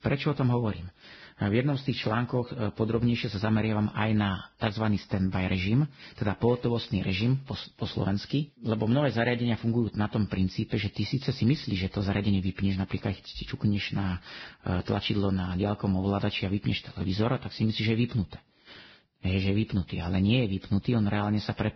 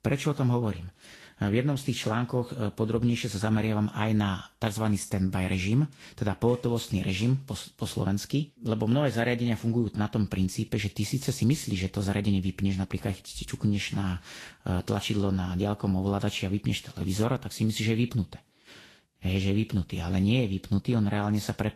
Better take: second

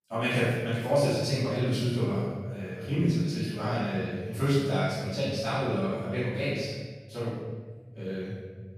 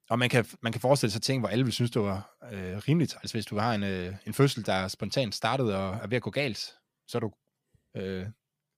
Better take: second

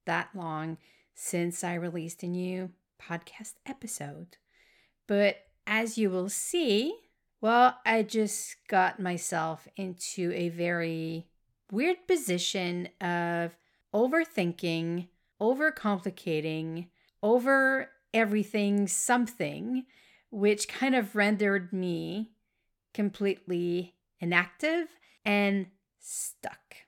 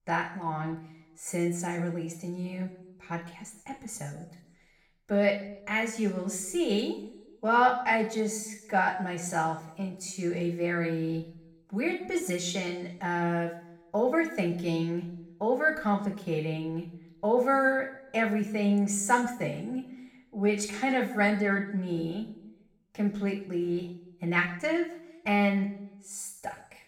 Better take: first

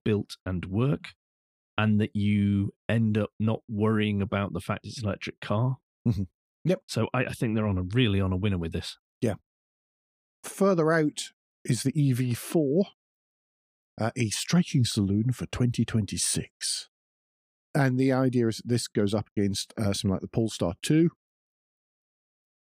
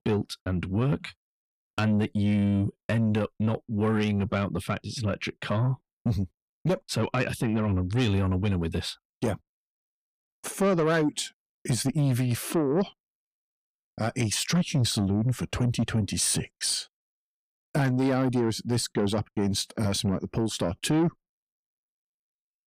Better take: first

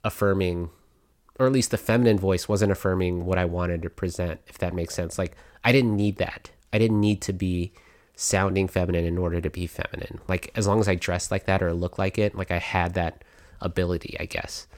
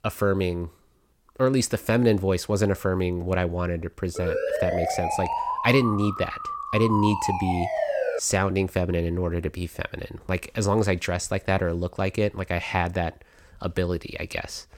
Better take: first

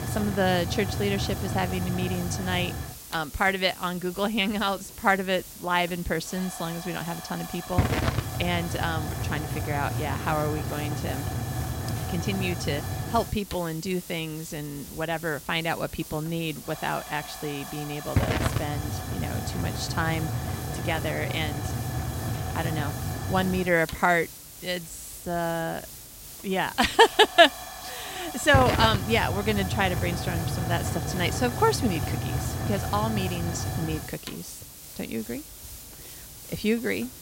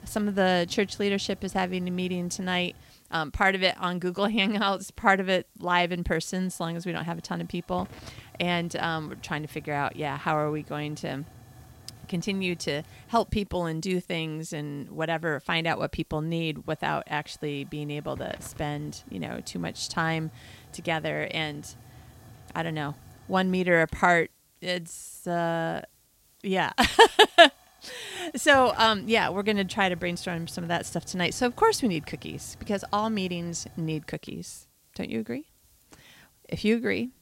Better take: second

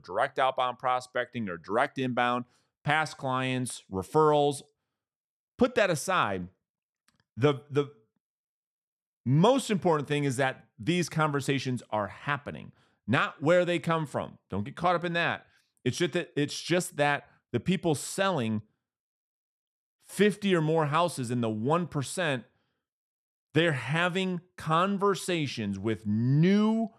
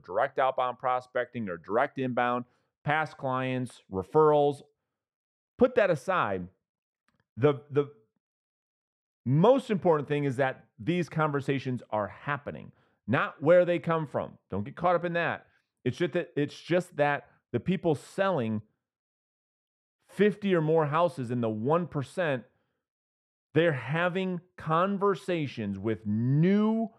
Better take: first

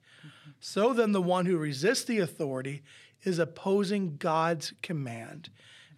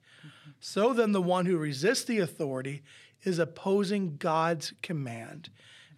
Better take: neither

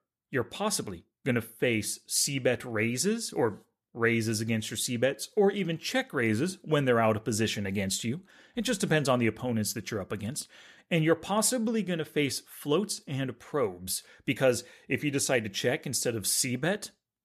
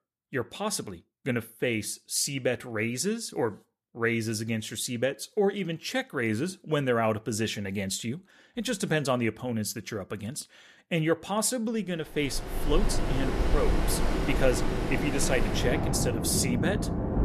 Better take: first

